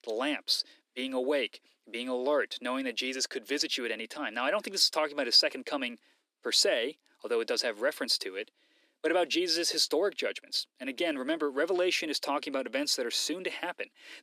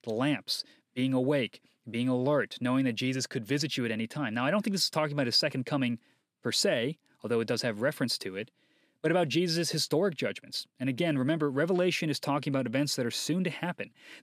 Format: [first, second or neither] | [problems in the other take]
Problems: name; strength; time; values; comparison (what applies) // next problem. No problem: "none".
second | thin; somewhat; fading below 300 Hz